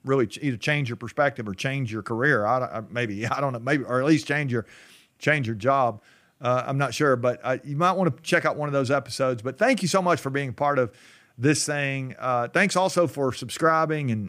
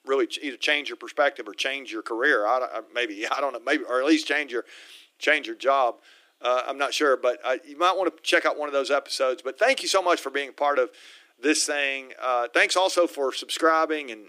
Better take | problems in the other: first | thin; somewhat; fading below 300 Hz

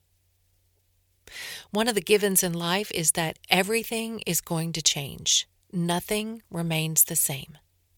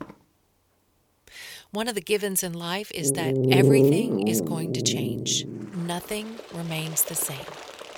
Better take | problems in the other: first | animal sounds; very loud; throughout; 4 dB above the speech

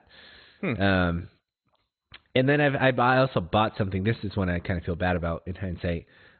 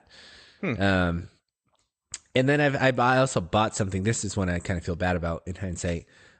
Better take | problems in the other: second | garbled, watery; badly; nothing above 4 kHz; slightly in the second

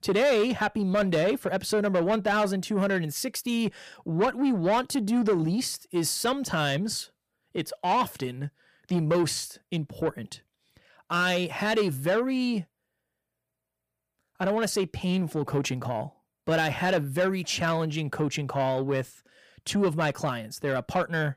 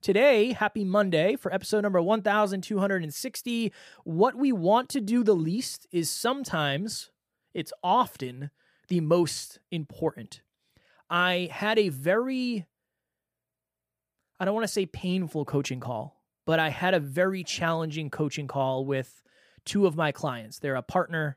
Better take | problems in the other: second | distortion; slight; 10 dB below the speech

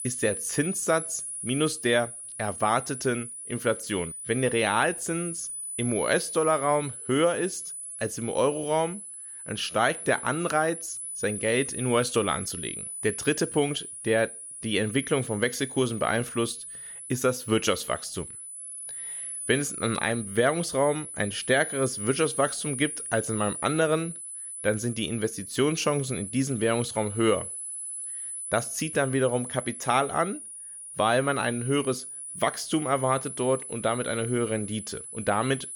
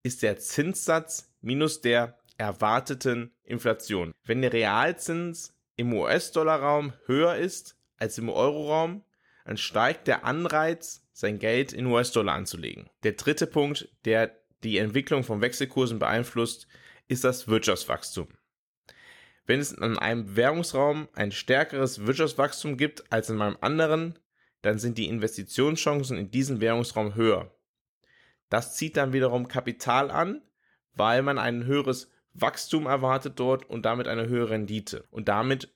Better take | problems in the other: second | high-pitched whine; loud; throughout; 10 kHz, 8 dB below the speech

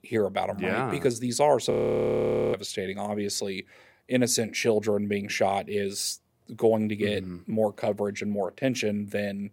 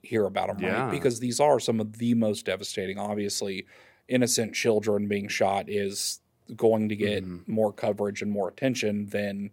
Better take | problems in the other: second | audio freezing; at 1.5 s for 1 s

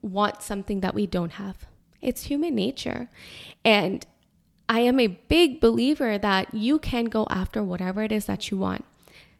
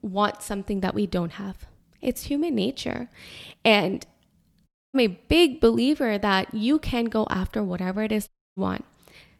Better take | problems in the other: first | audio cutting out; at 4.5 s and at 8.5 s

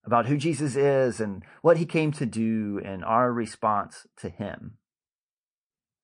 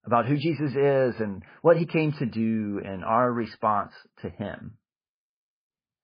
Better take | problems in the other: first | garbled, watery; badly; slightly in the first

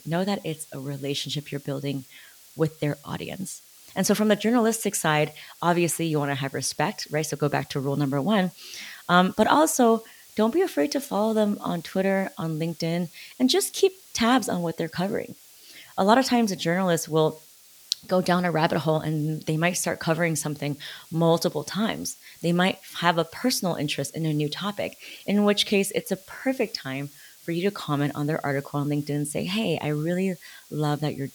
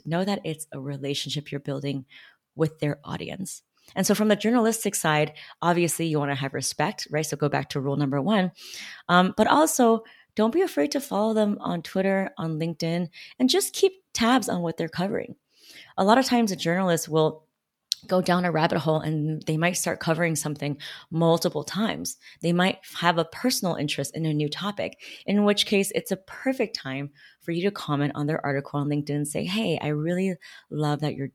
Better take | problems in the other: second | hiss; faint; throughout; 25 dB below the speech

